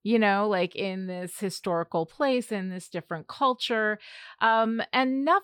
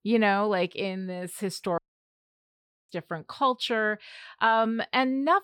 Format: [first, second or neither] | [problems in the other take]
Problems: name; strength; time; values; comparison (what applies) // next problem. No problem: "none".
first | audio cutting out; at 2 s for 1 s